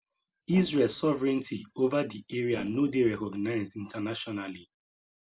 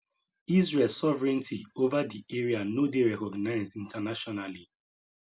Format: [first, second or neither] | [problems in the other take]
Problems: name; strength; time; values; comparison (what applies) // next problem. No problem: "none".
second | noise reduction (neural separator model SepFormer DNS4)